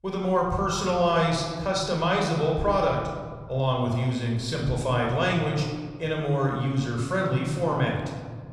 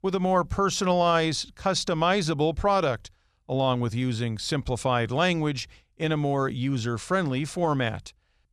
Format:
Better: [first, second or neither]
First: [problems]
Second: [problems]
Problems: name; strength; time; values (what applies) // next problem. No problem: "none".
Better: second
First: off-mic speech; somewhat distant // room echo; noticeable; dies away in 1.5 s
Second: none